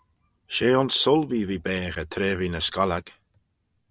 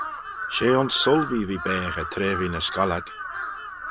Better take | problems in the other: first | background sound (Crow); 7 dB below the speech

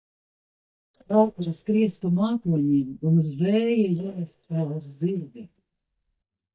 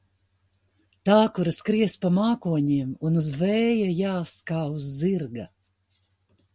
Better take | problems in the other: second | noise reduction (neural mask model DeepFilterNet 3)

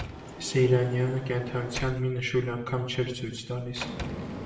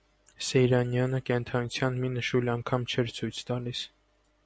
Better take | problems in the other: second | background sound (Sliding door); 11 dB below the speech // room echo; dies away in 0.7 s

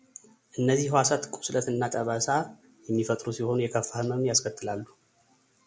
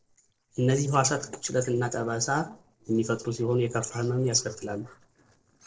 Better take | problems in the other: first | noise reduction (neural separator model SepFormer DNS4)

